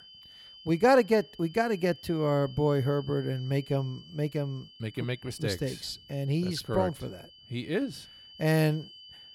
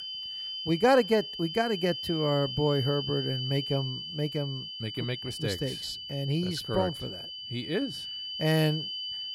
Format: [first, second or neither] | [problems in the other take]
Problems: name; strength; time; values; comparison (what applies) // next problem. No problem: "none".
first | high-pitched whine; loud; throughout; 3 kHz, 6 dB below the speech; faint in the first